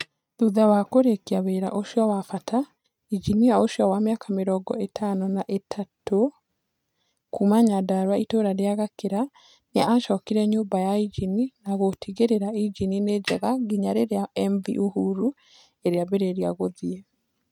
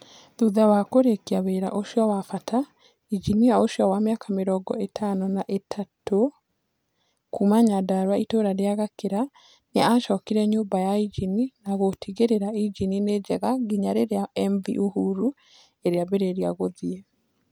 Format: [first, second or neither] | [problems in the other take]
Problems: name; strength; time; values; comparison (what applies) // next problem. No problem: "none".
second | noise reduction (neural mask model RNNoise)